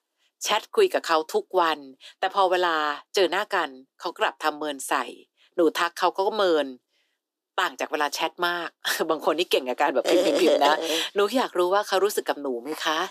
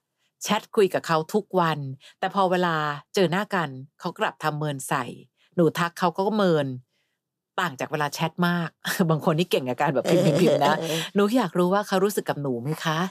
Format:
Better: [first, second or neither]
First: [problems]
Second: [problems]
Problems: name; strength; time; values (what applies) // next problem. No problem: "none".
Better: second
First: thin; somewhat; fading below 300 Hz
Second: none